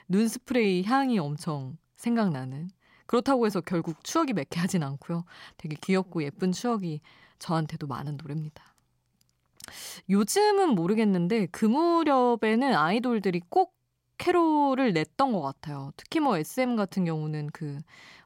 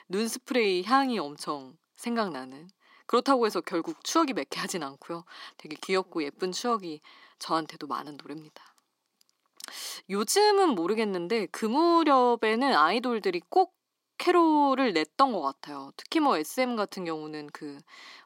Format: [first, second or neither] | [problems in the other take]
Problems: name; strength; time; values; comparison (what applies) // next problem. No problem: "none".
first | thin; very slightly; fading below 300 Hz